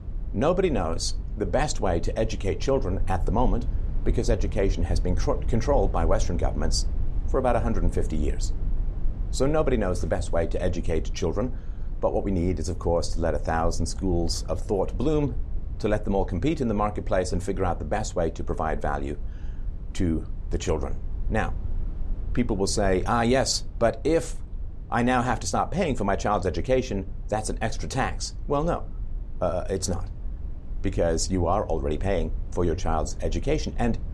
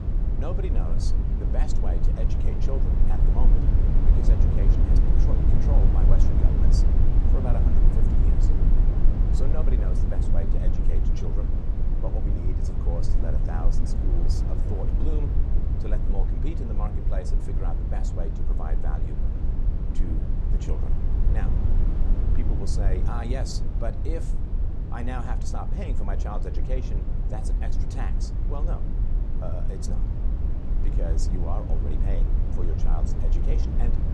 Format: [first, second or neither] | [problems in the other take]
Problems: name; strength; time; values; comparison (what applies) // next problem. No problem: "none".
first | low rumble; loud; throughout; 1 dB below the speech; faint in the first